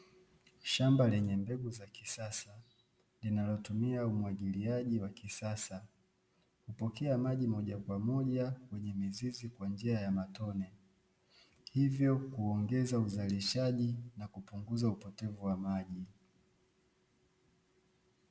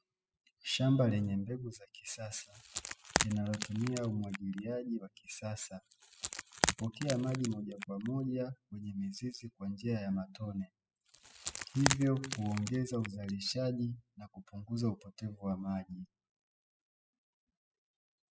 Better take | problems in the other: first | noise reduction (classical method spectral subtraction)

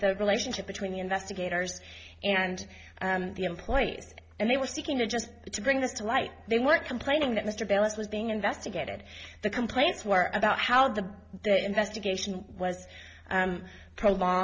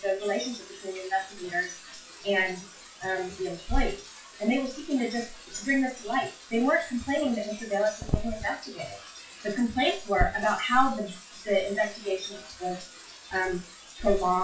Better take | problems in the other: first | noise reduction (classical method WPE with log-MMSE)

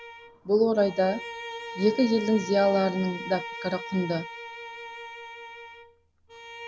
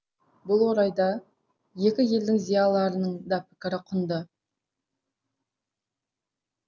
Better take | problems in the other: second | background sound (Bowed string instrument); 12 dB below the speech

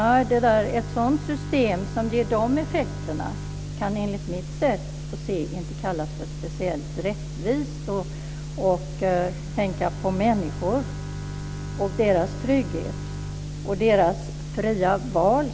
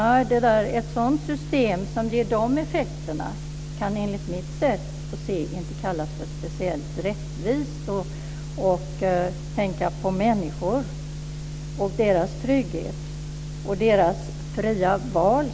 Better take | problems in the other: second | background sound (Bowed string instrument); 16 dB below the speech

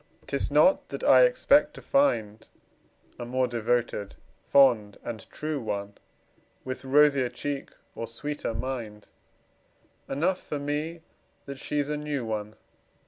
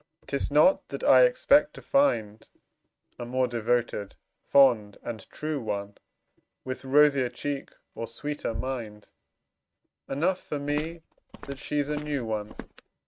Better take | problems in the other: first | noise reduction (neural mask model RNNoise)

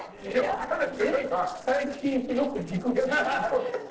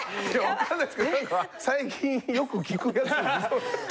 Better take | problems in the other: second | noise reduction (neural separator model SepFormer DNS4)

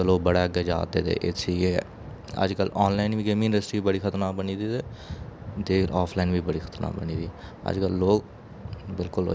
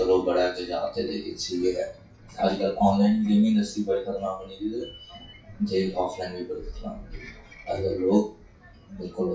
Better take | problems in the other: first | noise reduction (classical method WPE with log-MMSE)

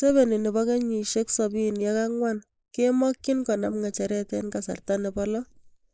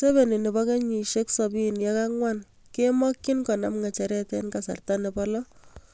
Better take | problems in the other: second | noise reduction (neural mask model Resemble Enhance denoiser)

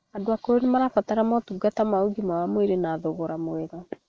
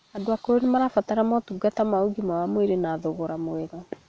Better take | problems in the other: second | noise reduction (neural mask model Resemble Enhance denoiser)

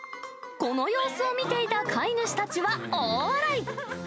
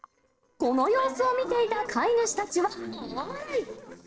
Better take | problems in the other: first | noise reduction (neural separator model SepFormer DNS4)

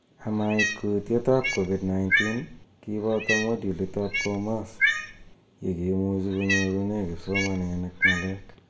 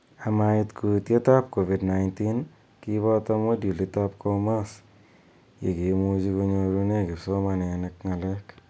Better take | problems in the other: second | background sound (Cat); 2 dB below the speech // room echo; dies away in 0.5 s

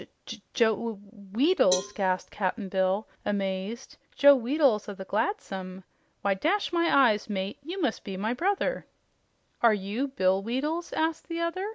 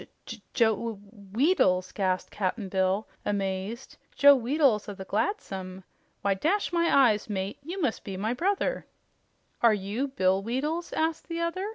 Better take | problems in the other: second | background sound (Cowbell); 13 dB below the speech

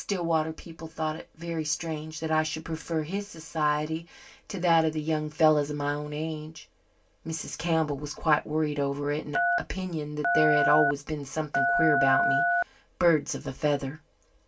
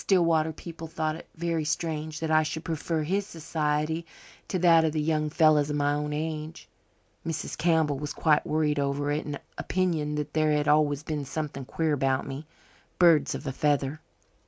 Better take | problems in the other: second | background sound (Telephone); 2 dB above the speech // room echo; dies away in 0.1 s

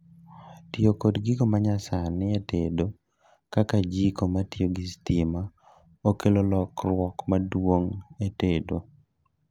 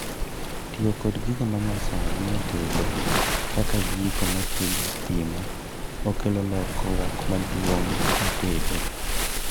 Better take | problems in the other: first | background sound (Waves, surf); 3 dB above the speech

